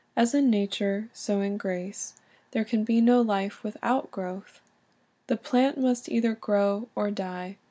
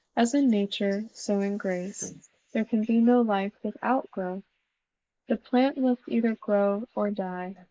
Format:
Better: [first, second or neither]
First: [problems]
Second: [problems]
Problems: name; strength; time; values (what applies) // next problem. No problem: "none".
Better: first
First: none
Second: noise reduction (neural mask model Resemble Enhance denoiser)